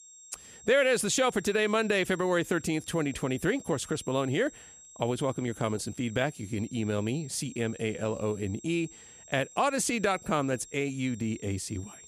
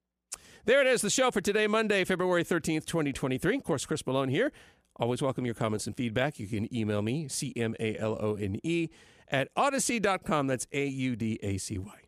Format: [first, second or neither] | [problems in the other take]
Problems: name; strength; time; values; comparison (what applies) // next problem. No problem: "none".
second | high-pitched whine; noticeable; throughout; 7.5 kHz, 20 dB below the speech